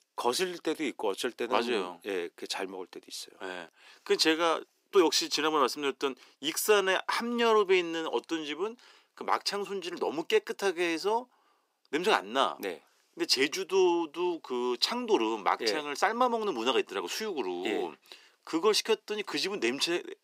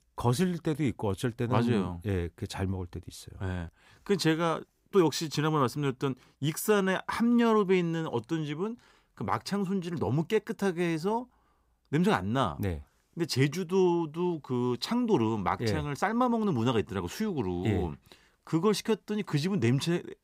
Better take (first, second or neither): second